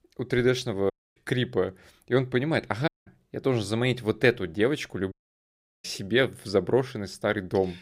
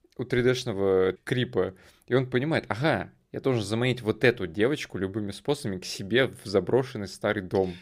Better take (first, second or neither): second